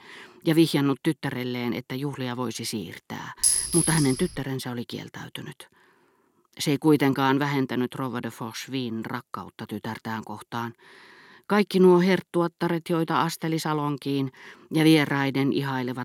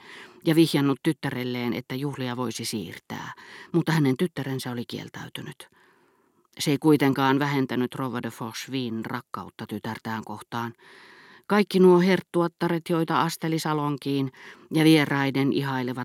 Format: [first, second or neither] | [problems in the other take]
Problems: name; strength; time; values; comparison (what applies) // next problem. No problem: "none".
second | clattering dishes; loud; at 3.5 s; peak 5 dB above the speech